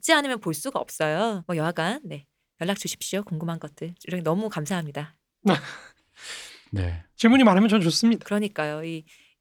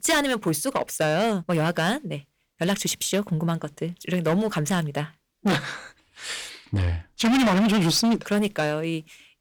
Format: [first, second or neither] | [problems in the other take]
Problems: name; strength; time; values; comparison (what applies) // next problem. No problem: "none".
first | distortion; heavy; 12% of the sound clipped